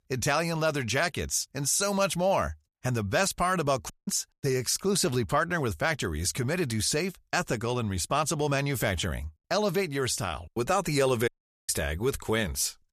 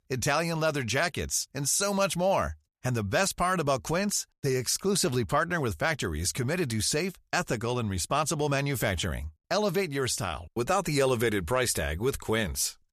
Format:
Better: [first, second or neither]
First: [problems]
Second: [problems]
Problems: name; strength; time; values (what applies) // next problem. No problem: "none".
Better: second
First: audio cutting out; at 4 s and at 11 s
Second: none